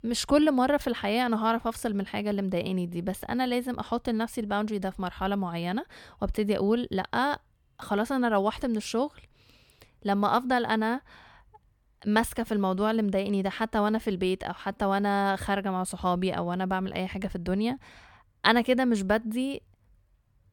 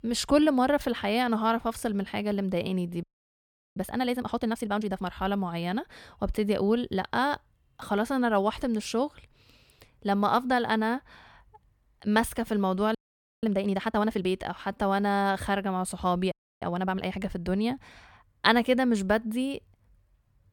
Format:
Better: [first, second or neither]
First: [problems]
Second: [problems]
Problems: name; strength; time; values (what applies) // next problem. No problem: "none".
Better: first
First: none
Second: audio freezing; at 3 s for 0.5 s, at 13 s and at 16 s